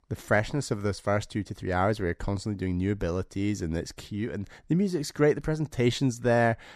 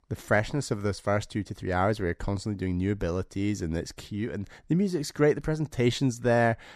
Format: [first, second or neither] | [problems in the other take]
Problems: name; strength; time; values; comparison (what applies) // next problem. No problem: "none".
neither | none